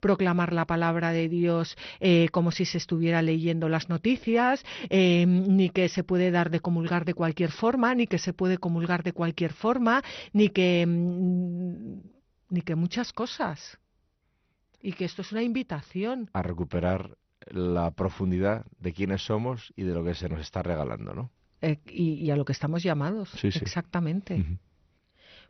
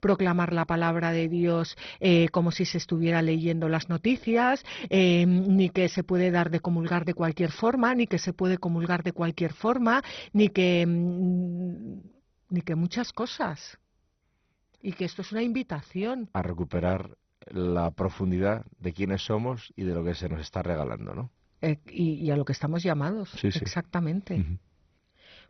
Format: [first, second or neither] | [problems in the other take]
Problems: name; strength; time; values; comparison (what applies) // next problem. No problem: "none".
first | garbled, watery; badly; nothing above 6 kHz; slightly in the first